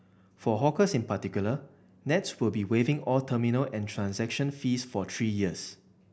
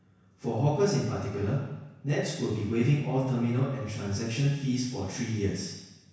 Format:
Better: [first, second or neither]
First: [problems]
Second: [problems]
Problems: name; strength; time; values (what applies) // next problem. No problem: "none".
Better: first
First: none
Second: room echo; dies away in 1.1 s